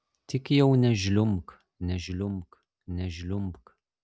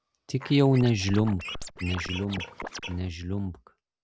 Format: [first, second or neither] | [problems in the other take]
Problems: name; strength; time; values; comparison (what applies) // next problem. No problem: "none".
first | background sound (Scratching (performance technique)); 11 dB below the speech